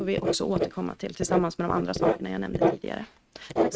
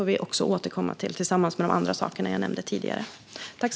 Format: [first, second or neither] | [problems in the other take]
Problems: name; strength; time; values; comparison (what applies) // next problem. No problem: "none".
second | noise reduction (neural mask model RNNoise)